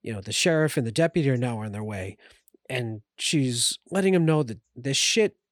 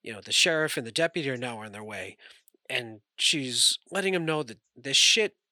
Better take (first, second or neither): first